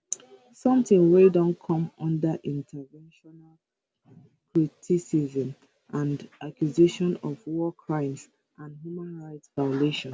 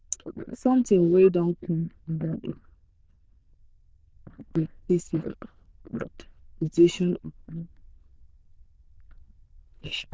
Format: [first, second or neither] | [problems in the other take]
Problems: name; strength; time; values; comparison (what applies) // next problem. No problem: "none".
first | noise reduction (neural diffusion model UNIVERSE++)